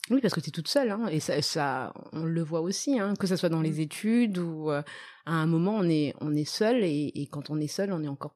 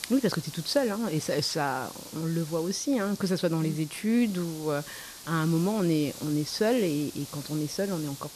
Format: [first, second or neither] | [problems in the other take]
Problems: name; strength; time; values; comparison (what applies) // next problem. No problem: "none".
first | hiss; noticeable; throughout; 15 dB below the speech